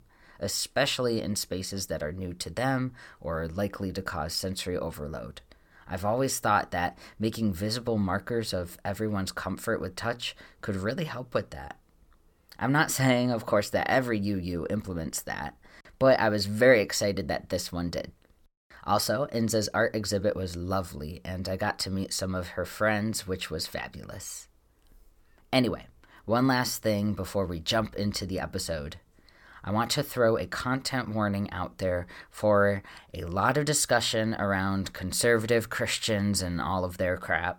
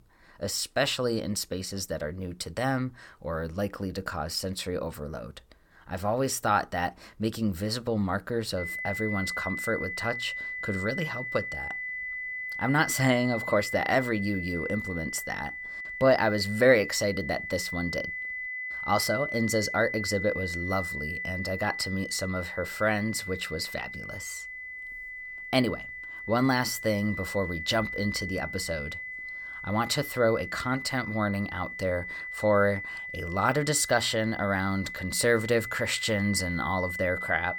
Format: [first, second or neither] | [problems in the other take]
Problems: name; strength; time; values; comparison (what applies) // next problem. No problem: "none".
first | high-pitched whine; loud; from 8.5 s on; 2 kHz, 6 dB below the speech